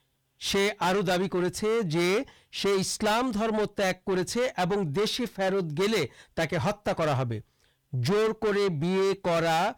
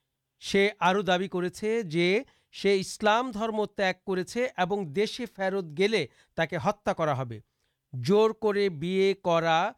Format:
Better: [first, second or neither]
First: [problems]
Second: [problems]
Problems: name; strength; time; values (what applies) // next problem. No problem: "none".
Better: second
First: distortion; heavy; 6 dB below the speech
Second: none